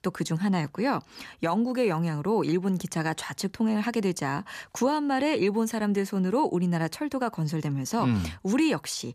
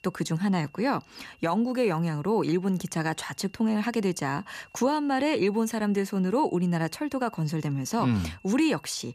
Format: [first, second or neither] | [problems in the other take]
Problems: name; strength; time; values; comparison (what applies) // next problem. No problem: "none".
first | high-pitched whine; faint; throughout; 2.5 kHz, 30 dB below the speech